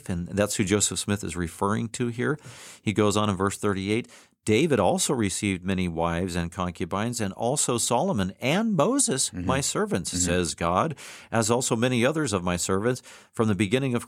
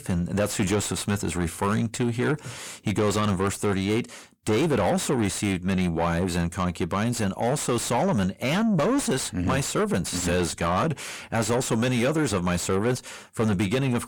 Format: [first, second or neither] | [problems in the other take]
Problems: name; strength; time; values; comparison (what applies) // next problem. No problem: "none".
first | distortion; heavy; 6 dB below the speech